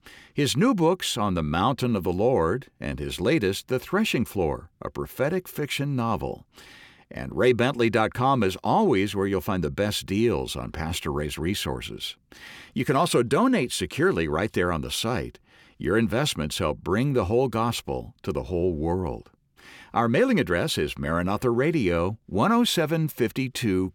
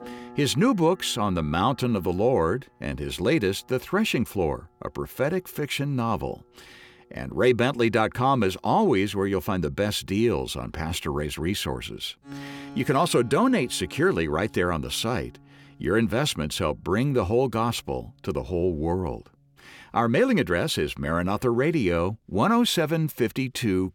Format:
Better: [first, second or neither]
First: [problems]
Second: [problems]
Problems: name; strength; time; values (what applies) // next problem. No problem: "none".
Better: first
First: none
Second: background music; faint; throughout; 25 dB below the speech